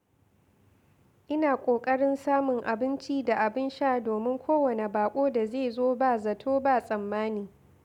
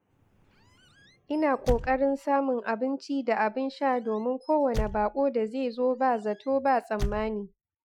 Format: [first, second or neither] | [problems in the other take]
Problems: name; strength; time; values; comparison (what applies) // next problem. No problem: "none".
first | noise reduction (classical method Wiener filter)